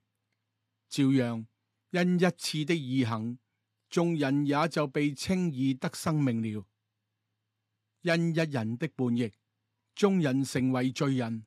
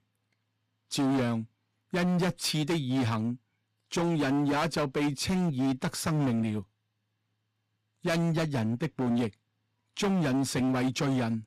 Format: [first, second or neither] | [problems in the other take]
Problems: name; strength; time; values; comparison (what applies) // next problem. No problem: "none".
first | distortion; heavy; 18% of the sound clipped